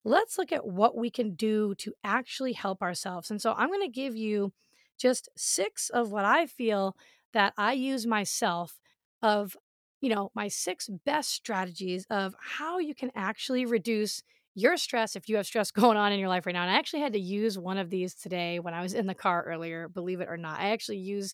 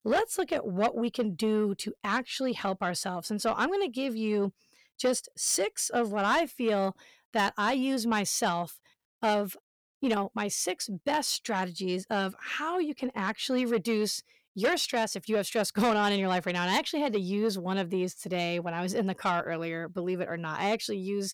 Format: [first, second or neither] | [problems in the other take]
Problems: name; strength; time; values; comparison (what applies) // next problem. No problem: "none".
first | distortion; slight; 10 dB below the speech